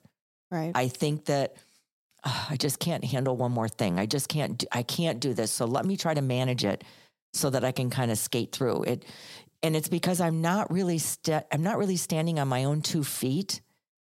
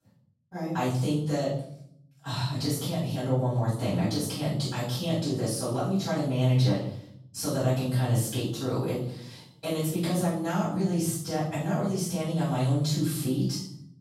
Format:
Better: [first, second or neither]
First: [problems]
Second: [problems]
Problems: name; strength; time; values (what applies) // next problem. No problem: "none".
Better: first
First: none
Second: off-mic speech; far // room echo; noticeable; dies away in 0.7 s